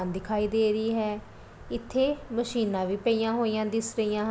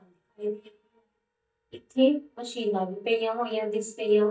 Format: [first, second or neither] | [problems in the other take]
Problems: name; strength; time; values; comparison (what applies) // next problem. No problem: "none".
first | noise reduction (neural mask model DeepFilterNet 3)